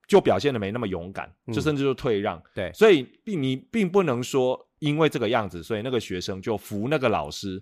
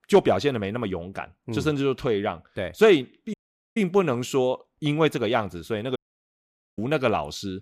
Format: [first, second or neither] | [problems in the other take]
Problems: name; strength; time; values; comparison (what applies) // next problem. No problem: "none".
first | audio cutting out; at 3.5 s and at 6 s for 1 s